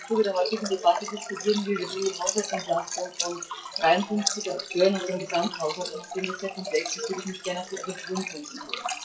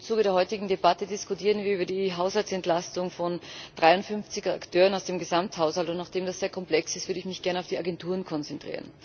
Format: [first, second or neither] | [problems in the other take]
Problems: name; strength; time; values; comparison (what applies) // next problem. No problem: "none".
second | noise reduction (classical method WPE with log-MMSE)